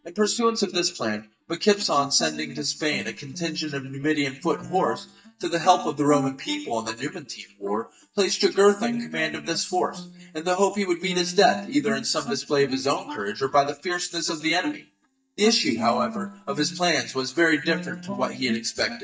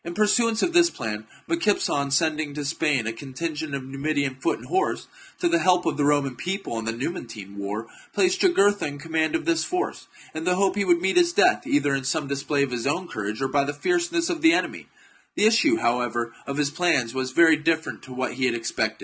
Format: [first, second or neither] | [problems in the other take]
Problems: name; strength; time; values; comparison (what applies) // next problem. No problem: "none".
second | noise reduction (neural mask model DeepFilterNet 3)